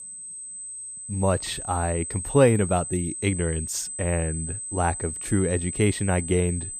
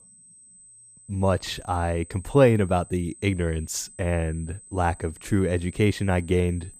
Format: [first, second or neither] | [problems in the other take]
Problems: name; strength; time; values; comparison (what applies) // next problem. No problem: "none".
second | high-pitched whine; loud; throughout; 8 kHz, 7 dB below the speech; faint in the second